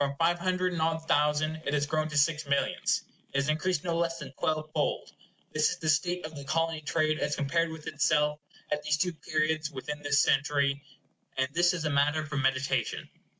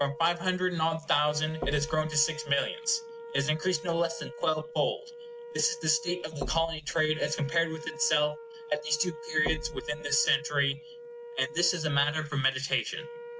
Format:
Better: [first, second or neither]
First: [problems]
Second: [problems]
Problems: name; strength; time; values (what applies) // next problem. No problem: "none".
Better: first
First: none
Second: background sound (Knock + Wind instrument, woodwind instrument); 11 dB below the speech